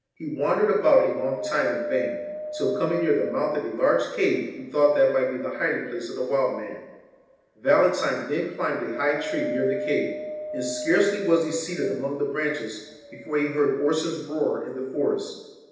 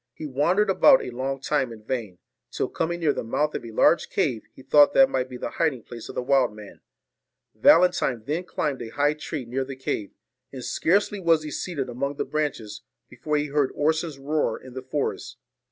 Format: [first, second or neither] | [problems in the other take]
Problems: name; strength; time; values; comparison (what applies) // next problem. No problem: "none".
second | background sound (Wind); 11 dB below the speech // room echo; dies away in 0.9 s